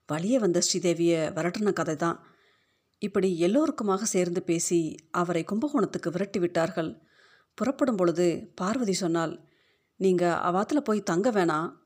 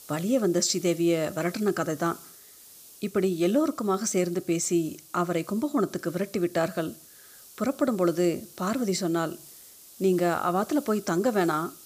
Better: first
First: none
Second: hiss; noticeable; throughout; 20 dB below the speech

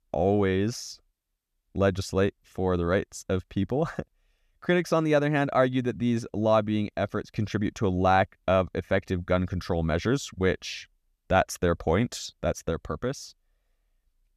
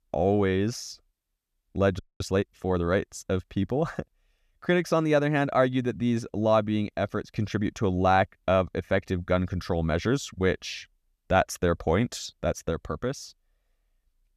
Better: first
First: none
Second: audio freezing; at 2 s

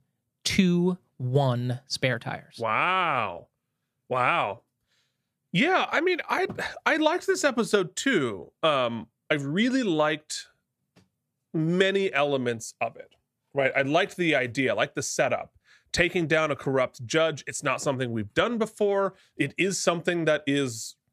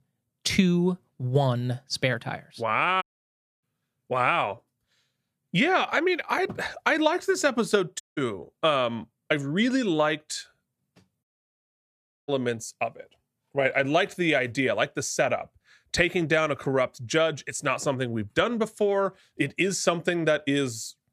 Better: first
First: none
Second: audio cutting out; at 3 s for 0.5 s, at 8 s and at 11 s for 1 s

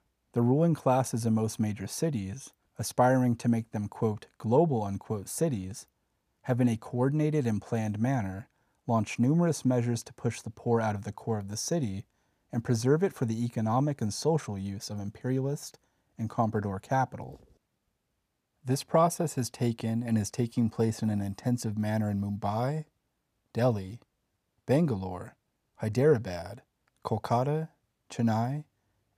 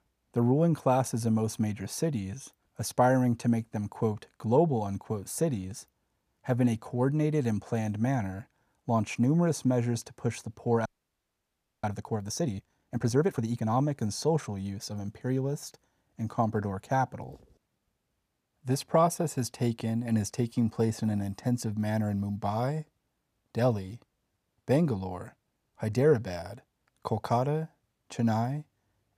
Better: first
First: none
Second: audio freezing; at 11 s for 1 s

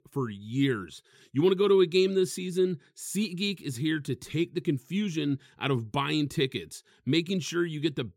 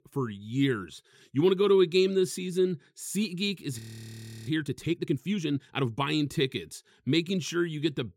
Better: first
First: none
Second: audio freezing; at 4 s for 0.5 s

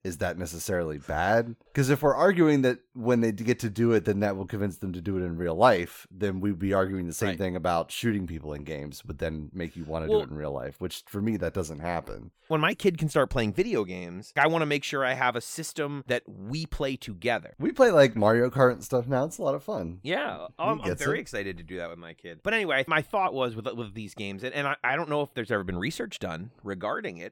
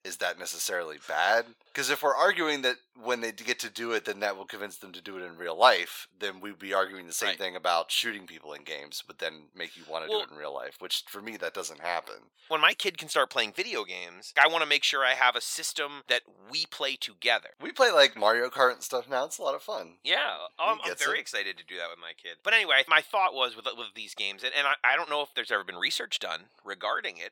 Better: first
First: none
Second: thin; very; fading below 750 Hz

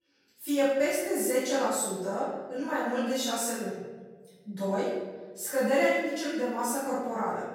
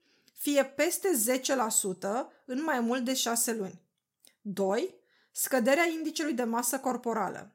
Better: second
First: room echo; strong; dies away in 1.3 s // off-mic speech; far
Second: none

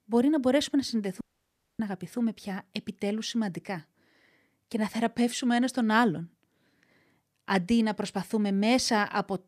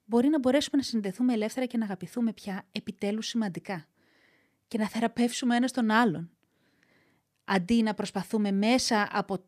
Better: second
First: audio cutting out; at 1 s for 0.5 s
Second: none

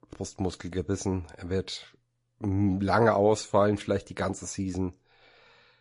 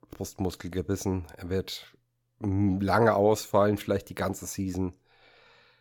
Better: second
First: garbled, watery; slightly; nothing above 10.5 kHz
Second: none

